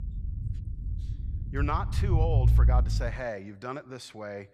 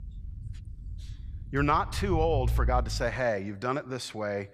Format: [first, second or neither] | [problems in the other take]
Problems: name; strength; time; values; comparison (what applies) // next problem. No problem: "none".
second | low rumble; loud; until 3 s; 10 dB below the speech; faint in the second